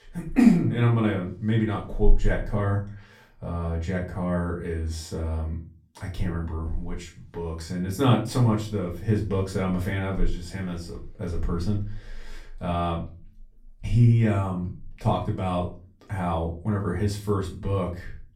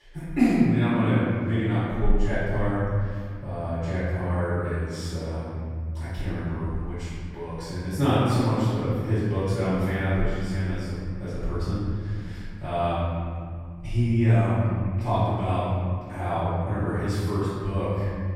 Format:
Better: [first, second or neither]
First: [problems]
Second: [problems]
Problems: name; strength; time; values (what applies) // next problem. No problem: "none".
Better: first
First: room echo; slight; dies away in 0.3 s // off-mic speech; far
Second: room echo; strong; dies away in 2.2 s // off-mic speech; far